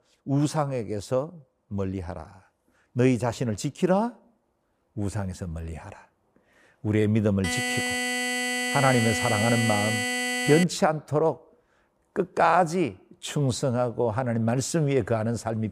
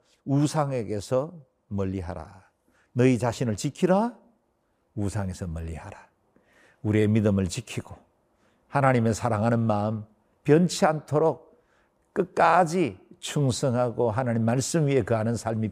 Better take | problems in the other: second | alarm; loud; from 7.5 to 11 s; peak level with the speech

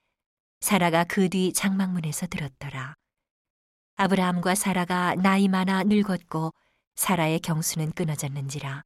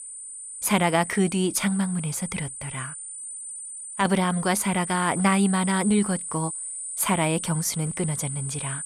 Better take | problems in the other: first | high-pitched whine; loud; throughout; 9 kHz, 8 dB below the speech

